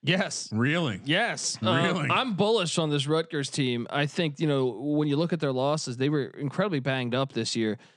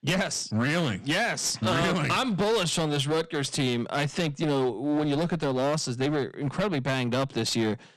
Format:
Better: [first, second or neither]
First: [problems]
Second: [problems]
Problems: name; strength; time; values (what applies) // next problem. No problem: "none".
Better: first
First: none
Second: distortion; heavy; 18% of the sound clipped